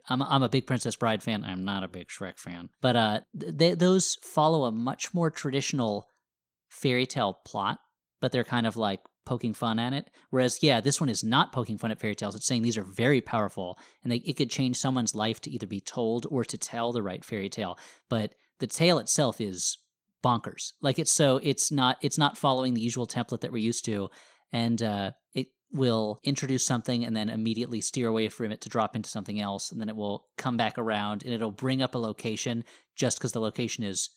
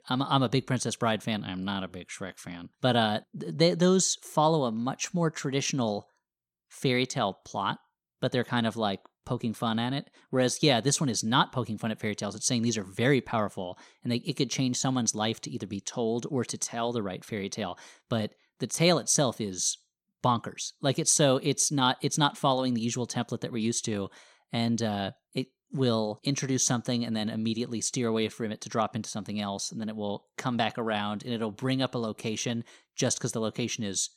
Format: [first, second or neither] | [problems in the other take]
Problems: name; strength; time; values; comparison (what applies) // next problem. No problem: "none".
second | garbled, watery; slightly; nothing above 17.5 kHz